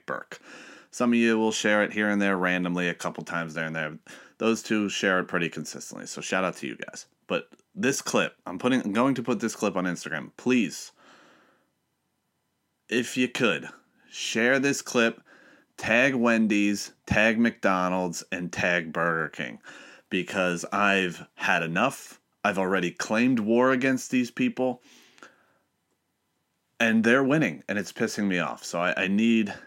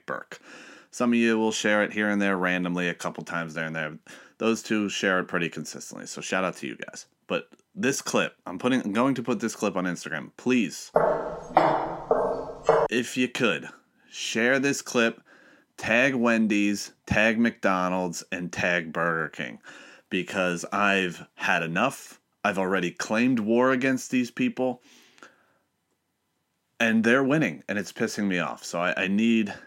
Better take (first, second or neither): first